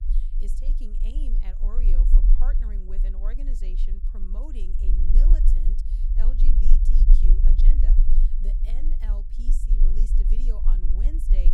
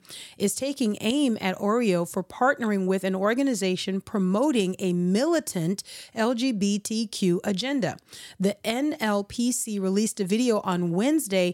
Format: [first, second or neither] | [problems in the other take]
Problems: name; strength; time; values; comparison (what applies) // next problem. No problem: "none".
second | low rumble; loud; throughout; 1 dB below the speech